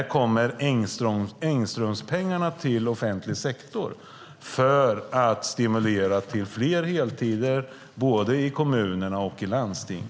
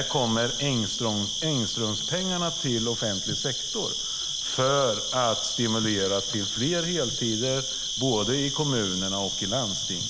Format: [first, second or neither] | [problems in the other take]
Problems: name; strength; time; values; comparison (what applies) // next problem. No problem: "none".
first | background sound (Cricket); 2 dB below the speech